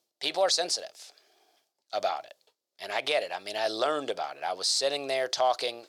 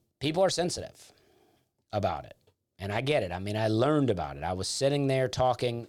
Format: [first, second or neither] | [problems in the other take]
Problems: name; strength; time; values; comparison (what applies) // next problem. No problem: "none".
second | thin; very; fading below 700 Hz